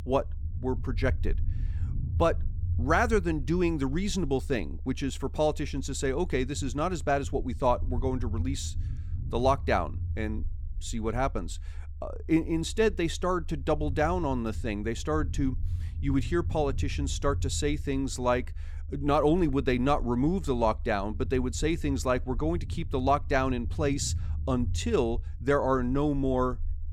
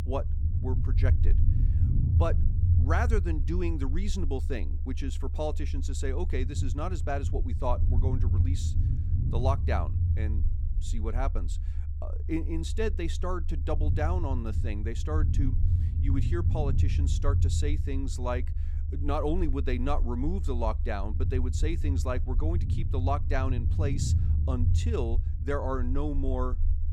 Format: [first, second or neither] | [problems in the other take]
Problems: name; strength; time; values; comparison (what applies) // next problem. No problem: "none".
first | low rumble; loud; throughout; 10 dB below the speech; faint in the first